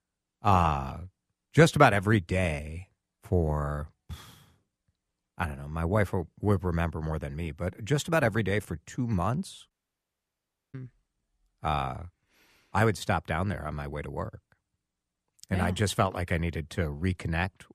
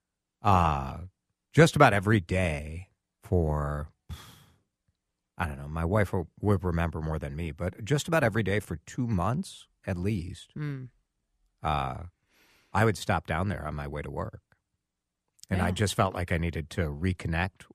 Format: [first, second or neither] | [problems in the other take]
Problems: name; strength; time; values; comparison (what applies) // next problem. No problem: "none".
second | audio cutting out; at 9.5 s for 1 s